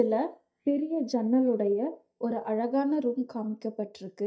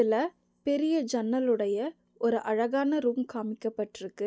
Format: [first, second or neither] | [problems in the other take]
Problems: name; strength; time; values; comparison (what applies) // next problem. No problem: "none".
second | noise reduction (neural mask model DeepFilterNet 3)